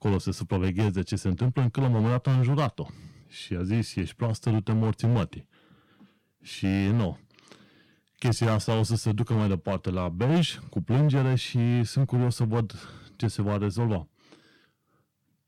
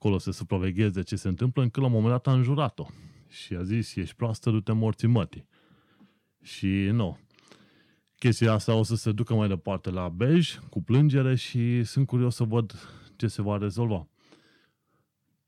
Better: second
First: distortion; slight; 8% of the sound clipped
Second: none

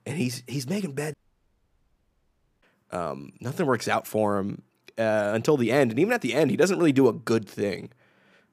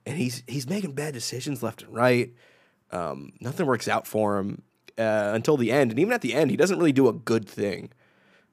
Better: second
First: audio cutting out; at 1 s for 1.5 s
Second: none

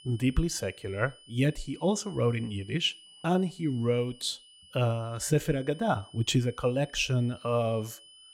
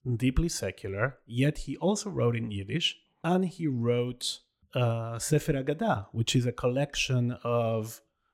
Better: second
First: high-pitched whine; faint; throughout; 3 kHz, 20 dB below the speech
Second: none

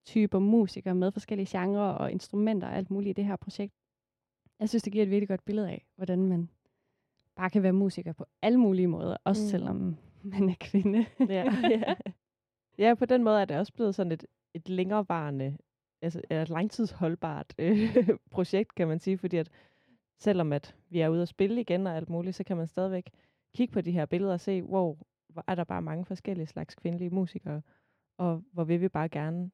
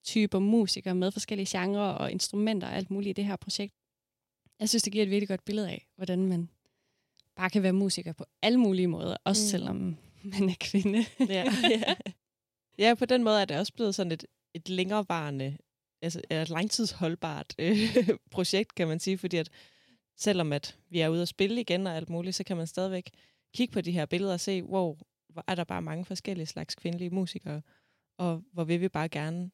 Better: second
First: muffled; very; fading above 2.5 kHz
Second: none

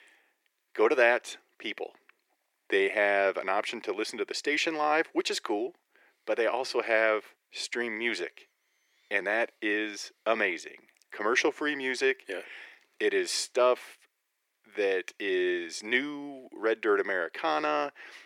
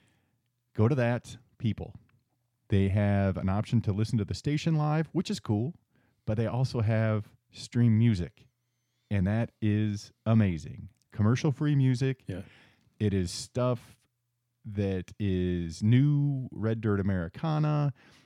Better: second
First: thin; very; fading below 350 Hz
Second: none

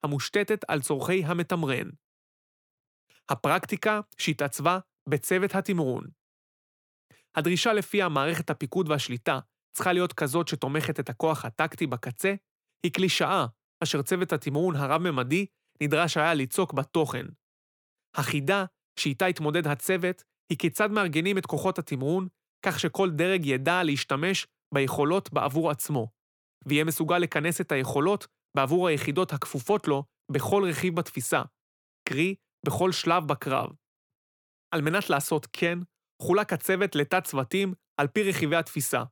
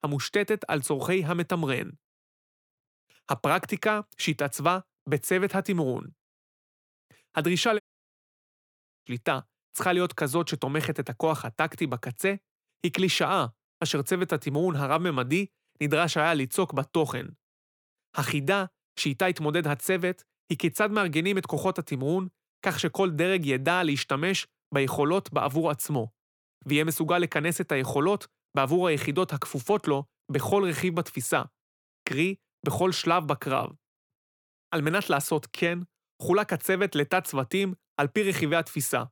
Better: first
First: none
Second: audio cutting out; at 8 s for 1.5 s

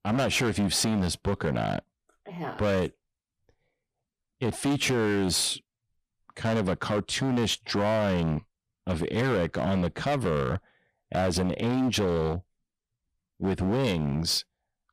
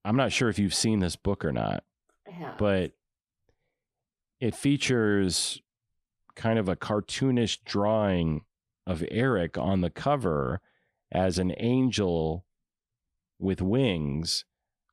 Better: second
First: distortion; heavy; 15% of the sound clipped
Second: none

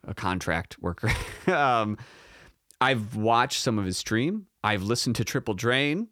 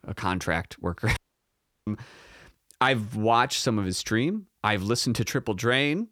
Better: first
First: none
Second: audio cutting out; at 1 s for 0.5 s

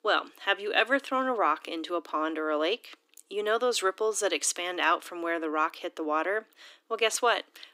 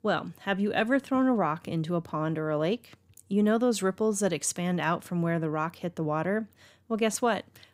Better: second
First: thin; very; fading below 300 Hz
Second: none

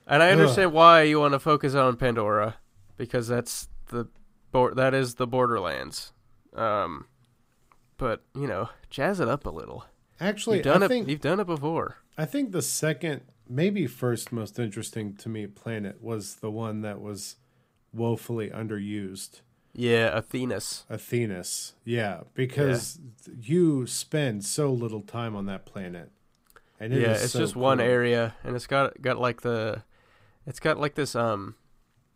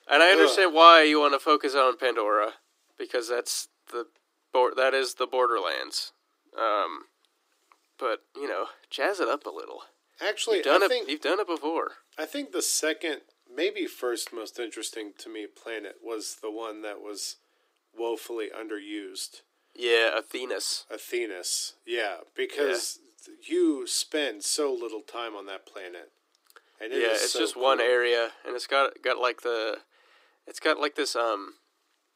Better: first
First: none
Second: thin; very; fading below 300 Hz

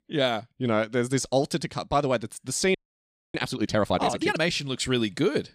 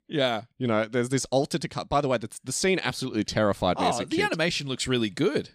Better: second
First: audio freezing; at 3 s for 0.5 s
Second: none

